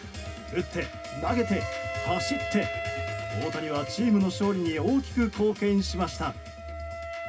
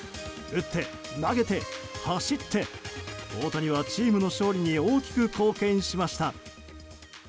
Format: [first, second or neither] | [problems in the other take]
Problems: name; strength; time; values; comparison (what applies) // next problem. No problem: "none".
second | background sound (Wind instrument, woodwind instrument); 9 dB below the speech // room echo; dies away in 0.4 s